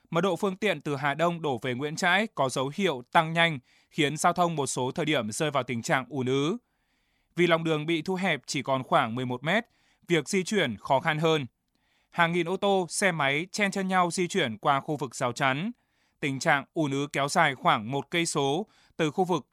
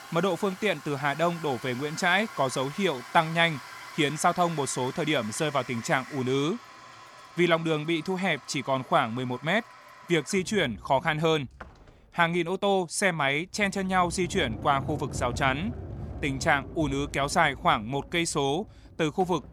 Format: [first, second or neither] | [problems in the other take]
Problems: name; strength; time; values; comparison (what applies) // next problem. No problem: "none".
first | household noises; noticeable; throughout; 15 dB below the speech